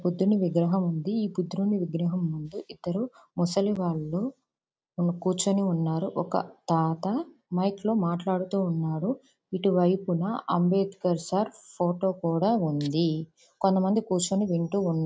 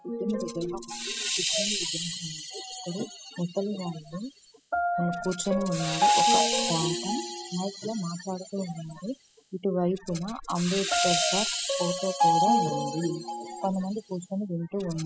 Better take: first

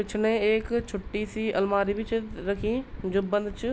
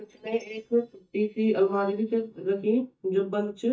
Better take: first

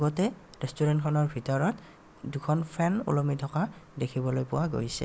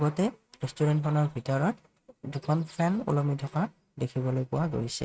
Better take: first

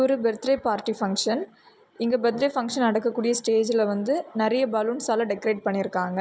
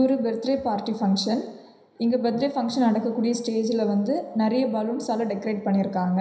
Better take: first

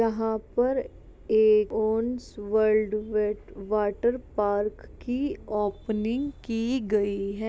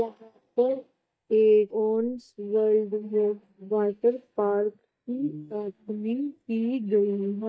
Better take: first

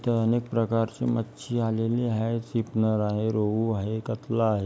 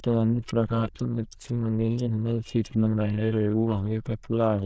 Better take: first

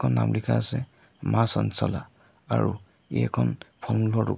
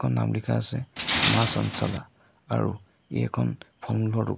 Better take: first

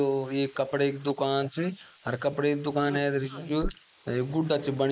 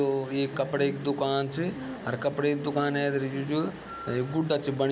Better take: second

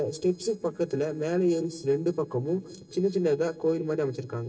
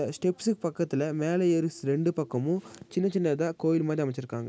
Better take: second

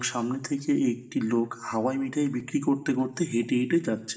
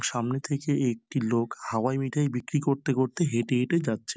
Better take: second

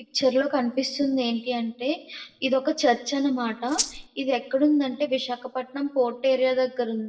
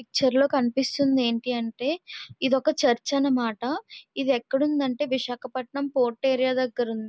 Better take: second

